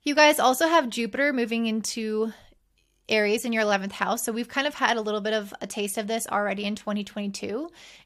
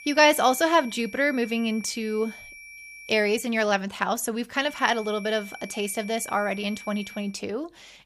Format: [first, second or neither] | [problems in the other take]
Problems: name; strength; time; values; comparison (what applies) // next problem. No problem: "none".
first | high-pitched whine; noticeable; until 3.5 s and from 4.5 to 7.5 s; 2.5 kHz, 15 dB below the speech